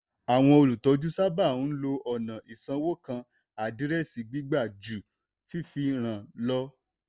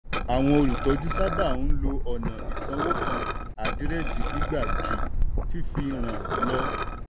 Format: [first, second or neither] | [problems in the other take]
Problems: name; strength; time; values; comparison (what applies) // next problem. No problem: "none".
first | background sound (Liquid); 4 dB above the speech